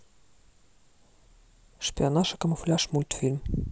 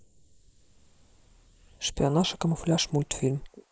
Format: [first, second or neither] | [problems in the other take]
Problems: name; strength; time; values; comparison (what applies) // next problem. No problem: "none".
first | noise reduction (neural mask model Resemble Enhance denoiser)